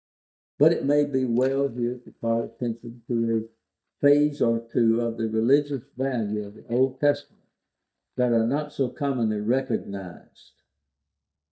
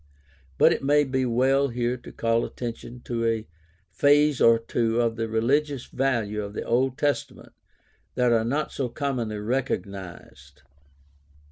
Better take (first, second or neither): second